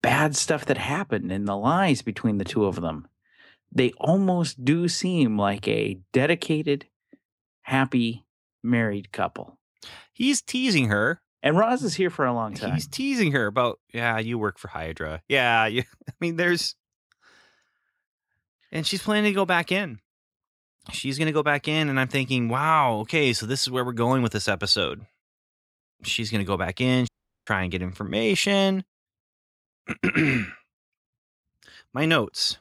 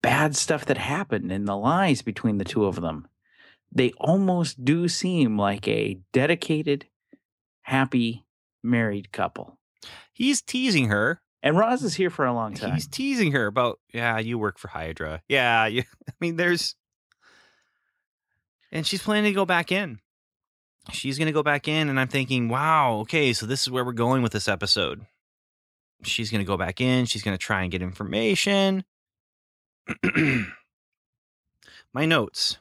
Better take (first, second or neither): second